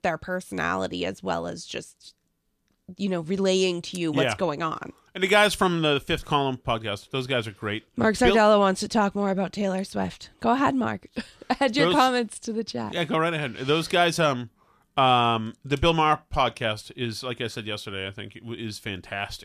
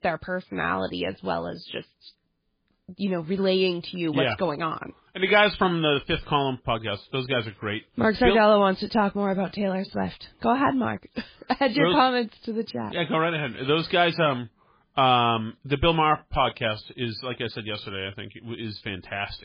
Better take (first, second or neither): first